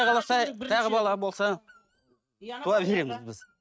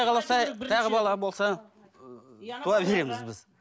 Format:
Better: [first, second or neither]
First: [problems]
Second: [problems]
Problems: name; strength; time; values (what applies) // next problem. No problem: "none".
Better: second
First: noise reduction (neural mask model RNNoise)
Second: none